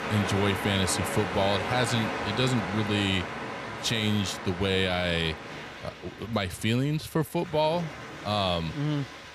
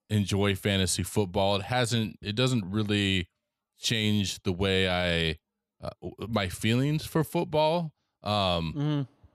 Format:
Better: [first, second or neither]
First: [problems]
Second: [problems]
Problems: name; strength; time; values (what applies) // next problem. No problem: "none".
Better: second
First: rain or running water; loud; throughout; 6 dB below the speech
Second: none